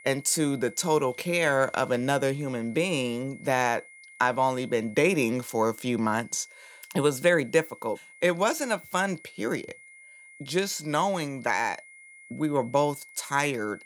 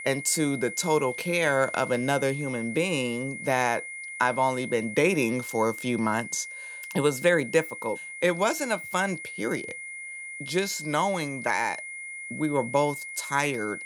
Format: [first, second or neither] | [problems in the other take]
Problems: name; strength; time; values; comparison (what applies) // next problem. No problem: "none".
first | high-pitched whine; loud; throughout; 2 kHz, 9 dB below the speech; faint in the first